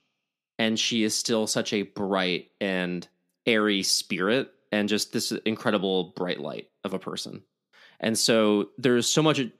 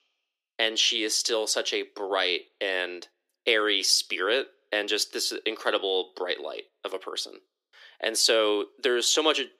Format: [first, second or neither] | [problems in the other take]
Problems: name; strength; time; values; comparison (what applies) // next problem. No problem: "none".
first | thin; very; fading below 350 Hz